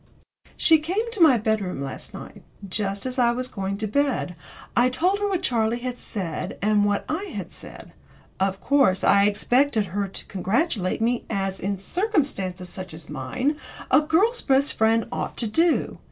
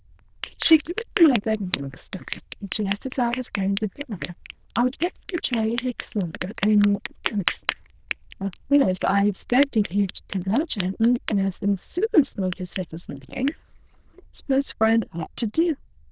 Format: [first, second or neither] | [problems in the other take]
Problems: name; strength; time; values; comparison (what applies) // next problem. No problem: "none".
first | noise reduction (neural diffusion model UNIVERSE++)